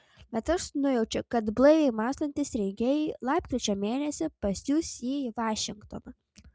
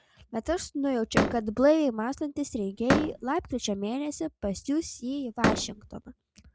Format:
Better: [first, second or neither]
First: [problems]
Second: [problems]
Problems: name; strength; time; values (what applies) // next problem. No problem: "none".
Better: first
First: none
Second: background sound (Slam); 2 dB below the speech